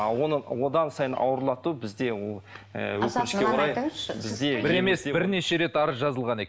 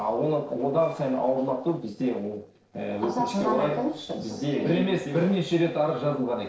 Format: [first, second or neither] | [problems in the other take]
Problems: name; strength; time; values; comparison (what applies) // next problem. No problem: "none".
first | noise reduction (neural separator model SepFormer DNS4)